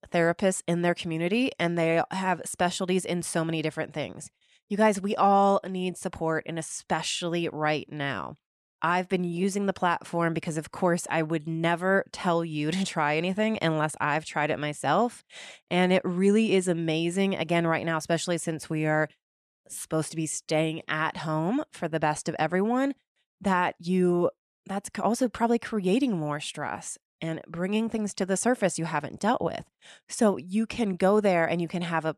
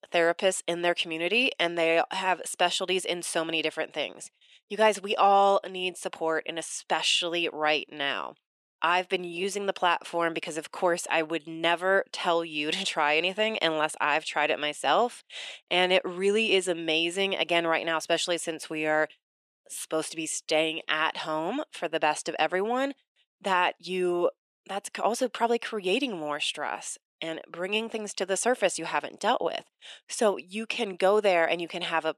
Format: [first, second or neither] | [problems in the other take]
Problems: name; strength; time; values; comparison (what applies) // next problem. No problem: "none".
first | thin; somewhat; fading below 450 Hz